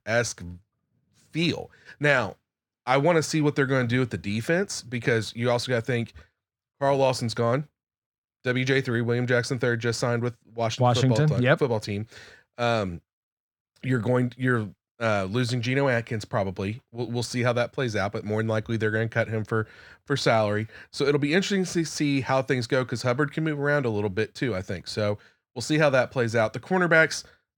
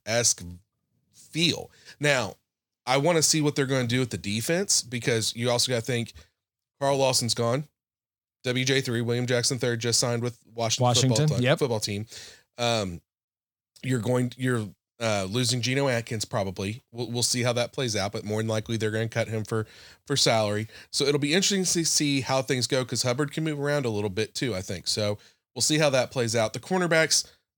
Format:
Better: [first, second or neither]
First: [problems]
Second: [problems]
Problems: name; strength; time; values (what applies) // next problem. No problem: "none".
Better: second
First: muffled; slightly; fading above 3.5 kHz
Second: none